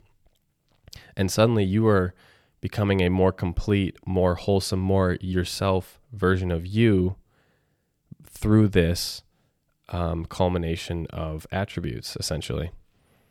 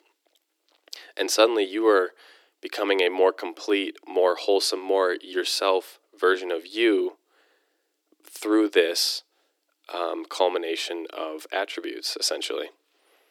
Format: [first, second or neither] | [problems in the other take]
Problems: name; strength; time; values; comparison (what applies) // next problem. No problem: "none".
first | thin; very; fading below 300 Hz